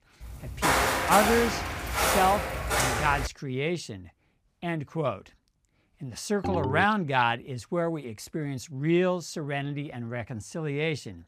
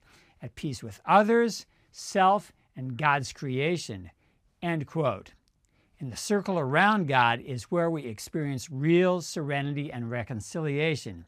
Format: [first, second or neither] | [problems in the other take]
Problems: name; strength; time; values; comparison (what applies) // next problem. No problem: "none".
second | footsteps; loud; until 3.5 s; peak 5 dB above the speech // phone ringing; noticeable; at 6.5 s; peak 3 dB below the speech